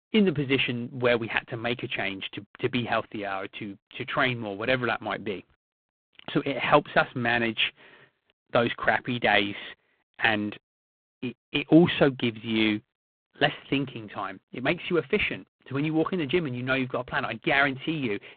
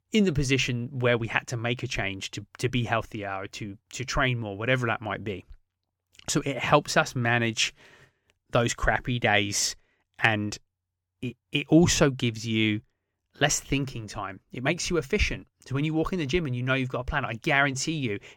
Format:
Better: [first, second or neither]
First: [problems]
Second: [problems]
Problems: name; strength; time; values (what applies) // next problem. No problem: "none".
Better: second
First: phone-call audio; poor line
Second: none